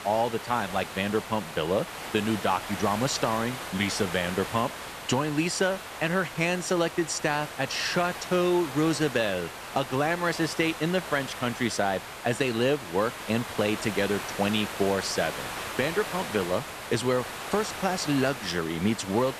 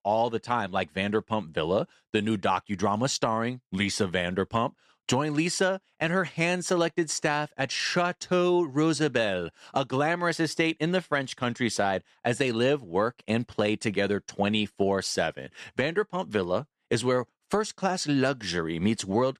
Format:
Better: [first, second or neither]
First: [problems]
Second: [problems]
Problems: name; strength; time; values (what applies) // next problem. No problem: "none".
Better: second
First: hiss; loud; throughout; 8 dB below the speech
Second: none